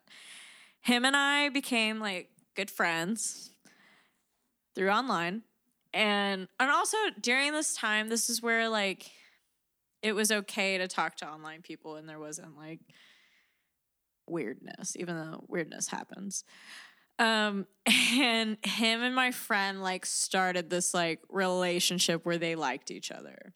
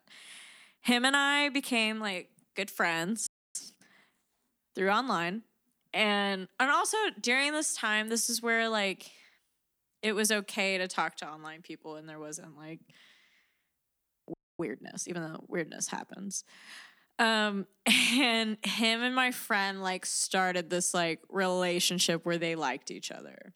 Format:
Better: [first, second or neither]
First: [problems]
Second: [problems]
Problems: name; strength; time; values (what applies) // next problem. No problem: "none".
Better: first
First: none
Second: audio freezing; at 3.5 s and at 14 s